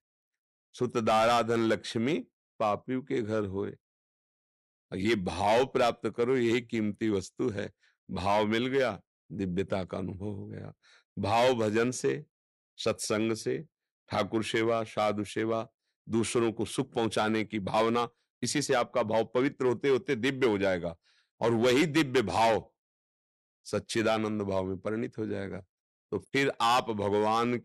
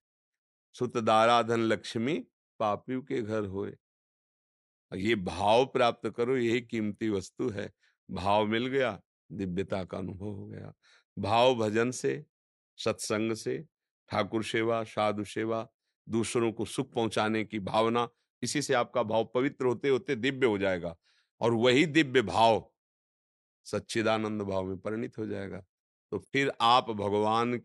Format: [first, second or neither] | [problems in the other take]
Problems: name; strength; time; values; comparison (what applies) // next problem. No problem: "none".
second | distortion; slight; 3% of the sound clipped